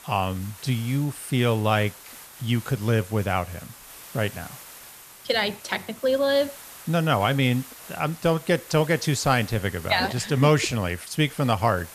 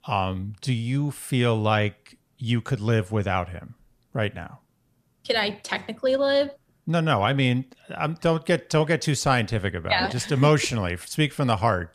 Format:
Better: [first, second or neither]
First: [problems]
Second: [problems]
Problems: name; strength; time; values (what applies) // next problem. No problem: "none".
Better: second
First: hiss; noticeable; throughout; 20 dB below the speech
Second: none